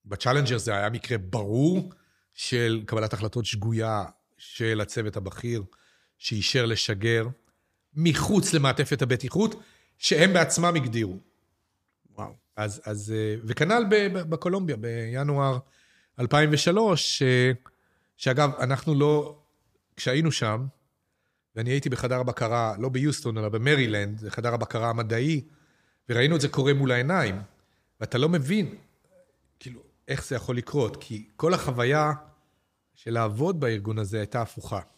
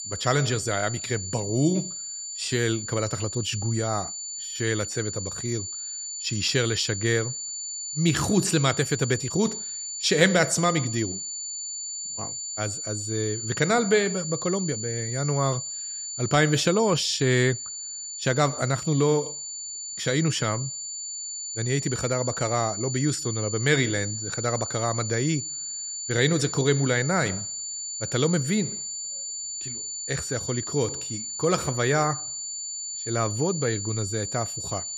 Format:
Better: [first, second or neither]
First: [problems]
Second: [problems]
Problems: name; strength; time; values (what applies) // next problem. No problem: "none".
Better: first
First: none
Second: high-pitched whine; loud; throughout; 7 kHz, 5 dB below the speech